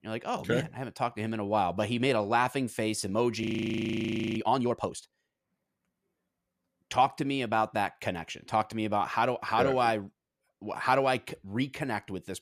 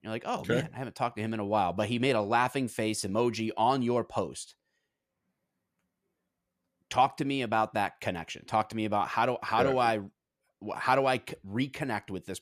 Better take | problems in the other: second | audio freezing; at 3.5 s for 1 s

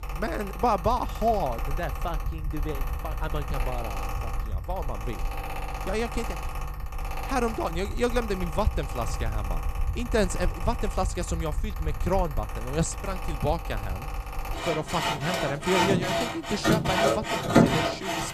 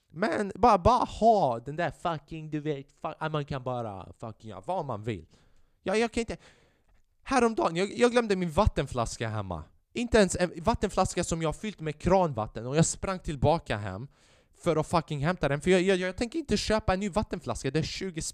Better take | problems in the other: second | machinery noise; very loud; throughout; as loud as the speech

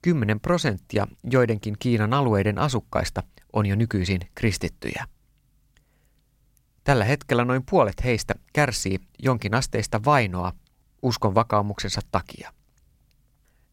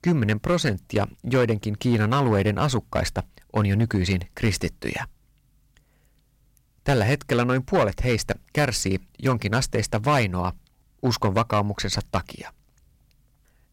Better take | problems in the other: first | distortion; slight; 4% of the sound clipped

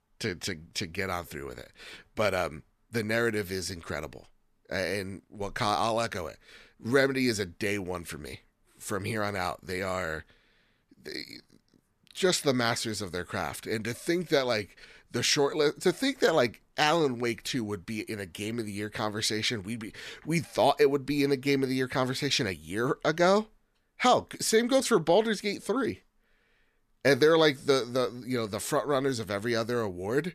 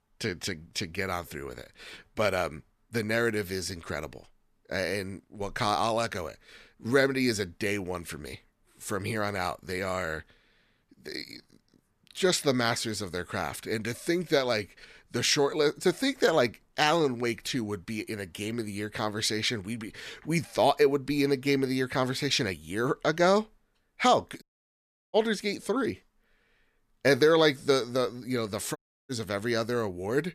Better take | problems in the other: first | audio cutting out; at 24 s for 0.5 s and at 29 s

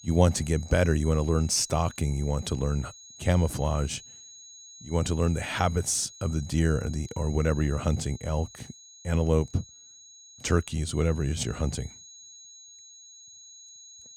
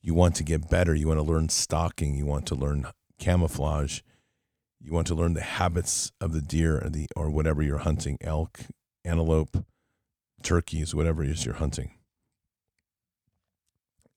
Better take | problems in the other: second | high-pitched whine; noticeable; throughout; 6.5 kHz, 20 dB below the speech

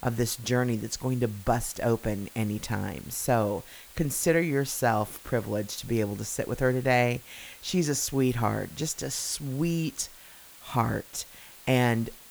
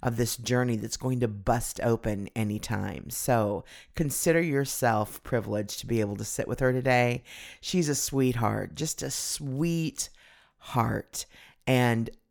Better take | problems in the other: second | hiss; noticeable; throughout; 20 dB below the speech

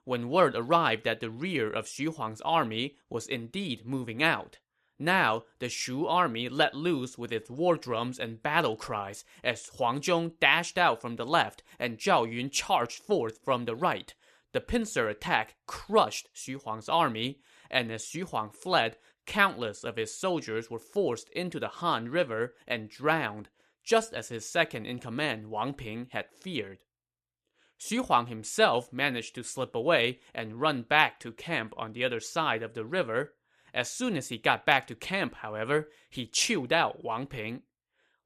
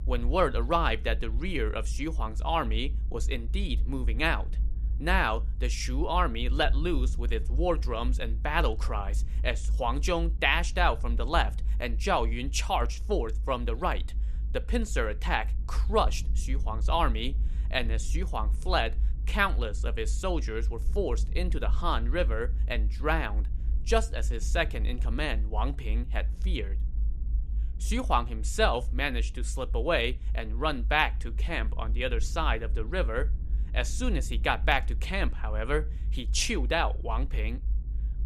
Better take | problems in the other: first | low rumble; faint; throughout; 25 dB below the speech

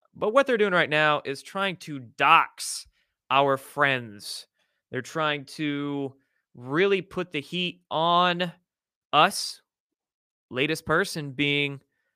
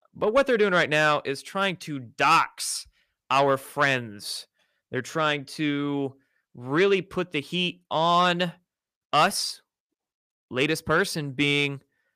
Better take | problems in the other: first | distortion; slight; 10 dB below the speech

